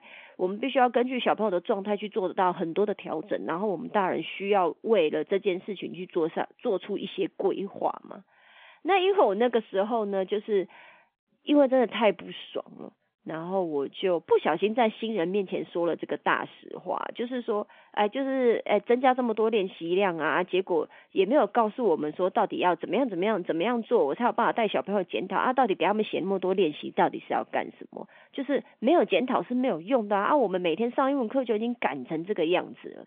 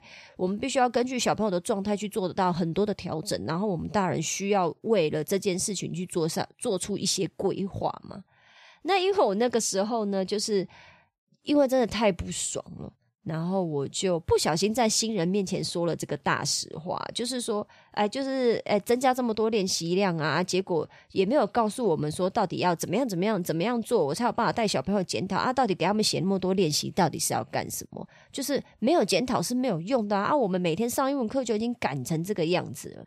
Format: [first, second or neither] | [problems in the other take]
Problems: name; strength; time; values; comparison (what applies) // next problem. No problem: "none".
second | phone-call audio; nothing above 3.5 kHz